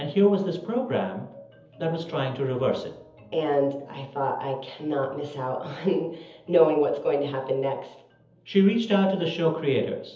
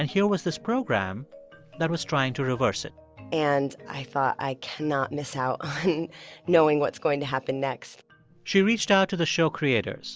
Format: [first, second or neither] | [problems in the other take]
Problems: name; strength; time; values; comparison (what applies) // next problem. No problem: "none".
second | room echo; dies away in 0.7 s